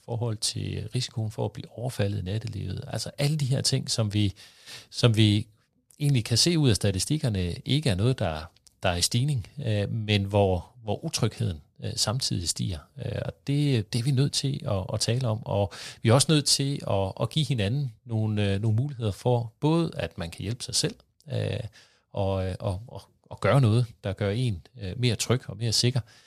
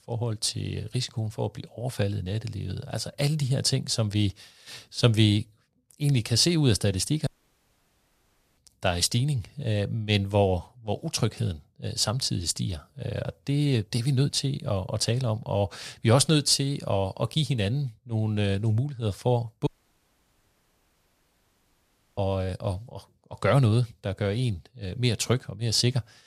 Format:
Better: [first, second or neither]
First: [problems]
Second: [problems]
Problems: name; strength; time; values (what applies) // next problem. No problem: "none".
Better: first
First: none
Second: audio cutting out; at 7.5 s for 1.5 s and at 20 s for 2.5 s